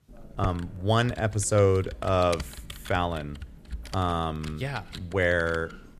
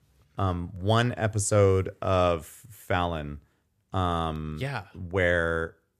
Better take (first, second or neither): second